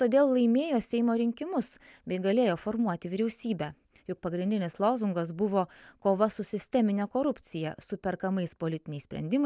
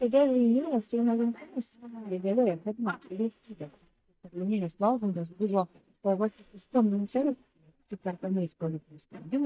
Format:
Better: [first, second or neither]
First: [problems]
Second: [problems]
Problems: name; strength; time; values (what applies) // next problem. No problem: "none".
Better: first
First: none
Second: noise reduction (neural mask model DeepFilterNet 3)